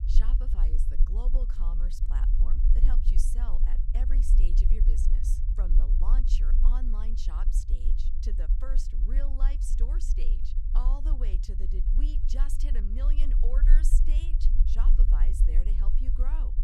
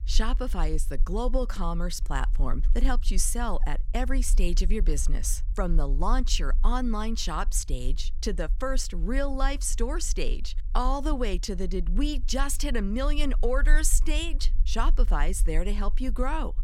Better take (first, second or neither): second